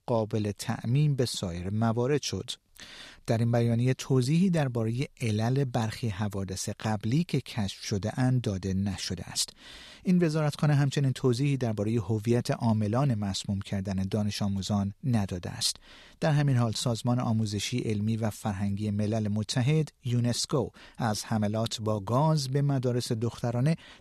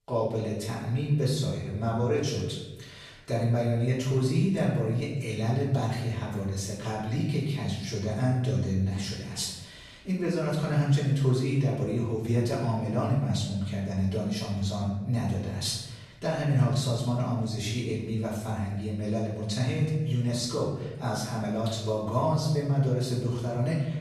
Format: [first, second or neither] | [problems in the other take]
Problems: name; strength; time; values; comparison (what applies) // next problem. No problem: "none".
first | off-mic speech; far // room echo; noticeable; dies away in 1 s